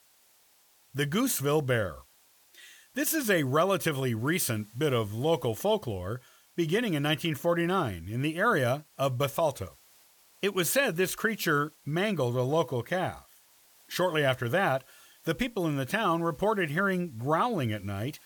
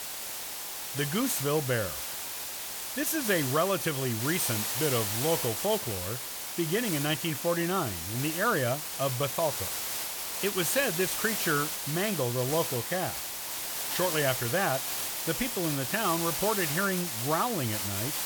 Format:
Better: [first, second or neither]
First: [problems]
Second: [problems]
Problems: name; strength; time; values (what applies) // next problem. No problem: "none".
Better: first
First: hiss; faint; throughout; 30 dB below the speech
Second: hiss; loud; throughout; 1 dB below the speech